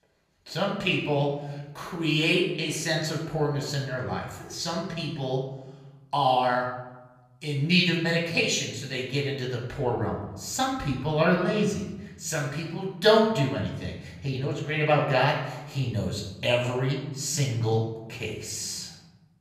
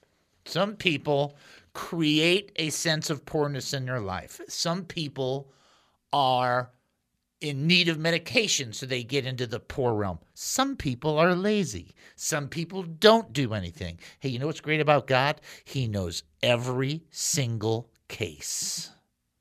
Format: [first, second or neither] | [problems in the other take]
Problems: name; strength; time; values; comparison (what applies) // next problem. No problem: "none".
second | off-mic speech; far // room echo; noticeable; dies away in 0.9 s